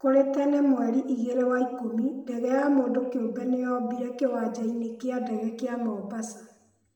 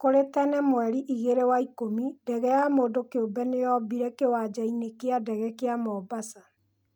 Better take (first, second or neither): second